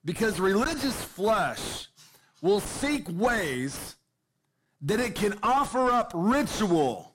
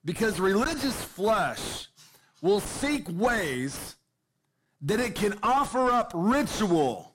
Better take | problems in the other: neither | distortion; heavy; 5 dB below the speech; the same in both

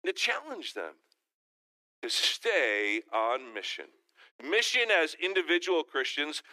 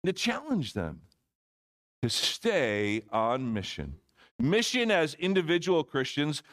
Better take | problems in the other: second | thin; very; fading below 300 Hz

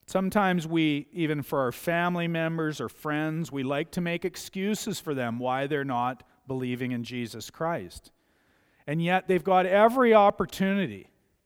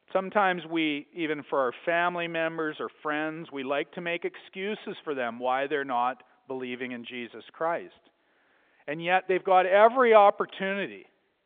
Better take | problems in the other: first | phone-call audio; nothing above 3.5 kHz

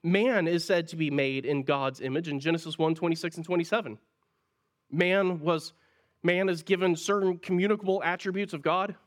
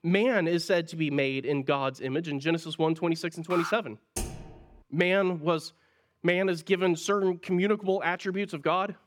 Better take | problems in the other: first | alarm; noticeable; at 3.5 s; peak 7 dB below the speech // keyboard typing; noticeable; at 4 s; peak 8 dB below the speech

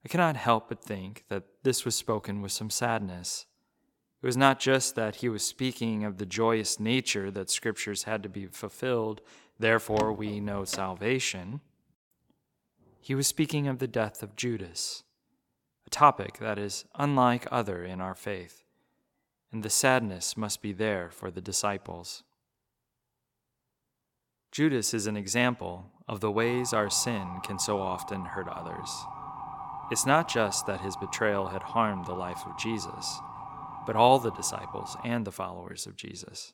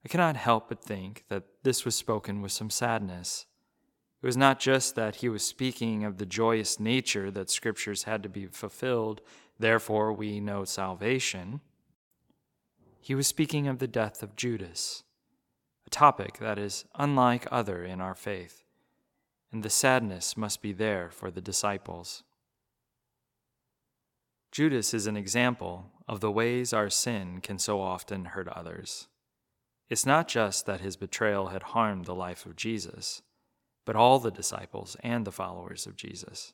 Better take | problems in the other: second | door banging; noticeable; at 10 s; peak 9 dB below the speech // siren; noticeable; from 26 to 35 s; peak 10 dB below the speech

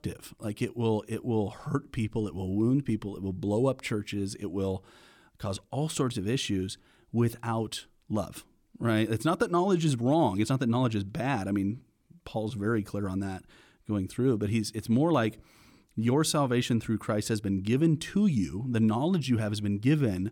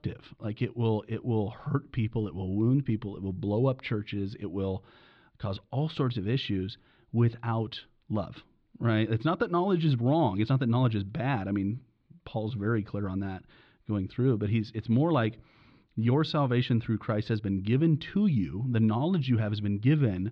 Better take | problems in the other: first | muffled; slightly; fading above 4 kHz

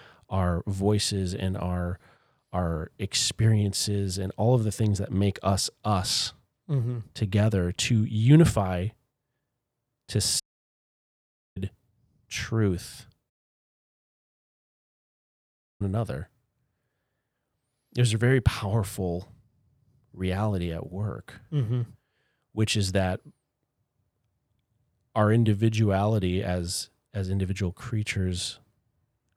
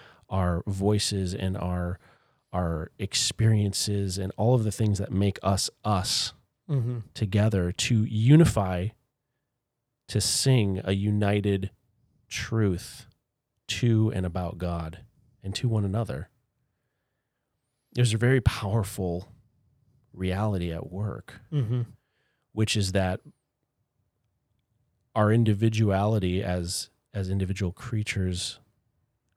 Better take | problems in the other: second | audio cutting out; at 10 s for 1 s and at 13 s for 2.5 s

